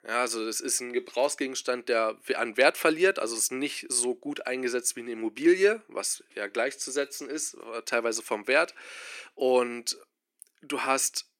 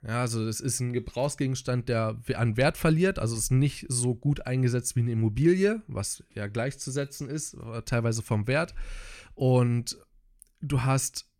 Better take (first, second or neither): second